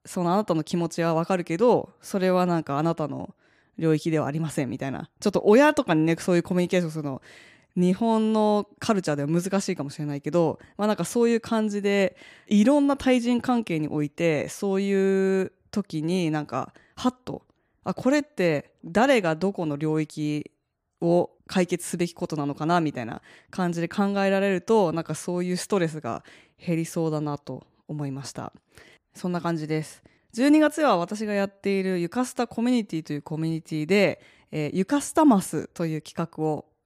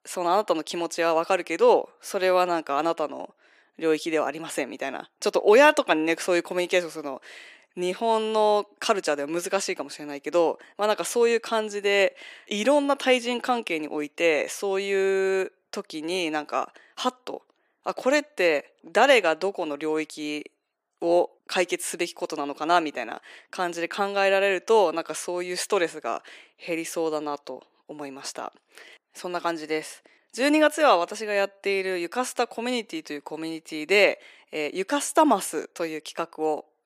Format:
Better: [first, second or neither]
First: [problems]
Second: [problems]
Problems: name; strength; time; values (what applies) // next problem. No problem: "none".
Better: first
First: none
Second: thin; somewhat; fading below 400 Hz